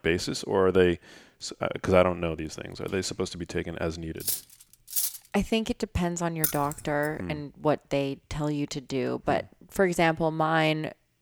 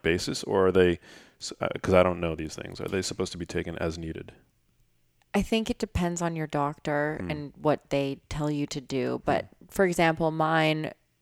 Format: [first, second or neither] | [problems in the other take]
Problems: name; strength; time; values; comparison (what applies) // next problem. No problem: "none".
second | clattering dishes; loud; at 4 s; peak level with the speech // jangling keys; noticeable; at 6.5 s; peak 1 dB below the speech